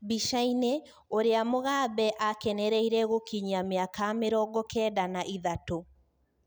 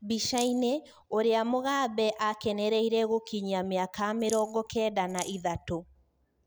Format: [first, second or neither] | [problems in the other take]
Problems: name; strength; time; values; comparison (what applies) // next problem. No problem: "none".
first | background sound (Rattle); 17 dB below the speech